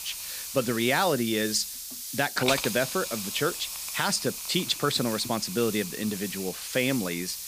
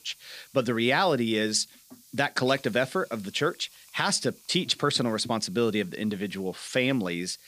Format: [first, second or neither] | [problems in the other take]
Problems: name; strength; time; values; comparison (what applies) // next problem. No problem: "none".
second | hiss; loud; throughout; 5 dB below the speech; faint in the second